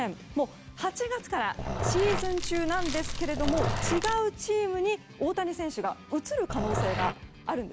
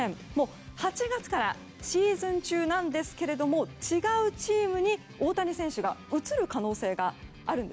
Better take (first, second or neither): second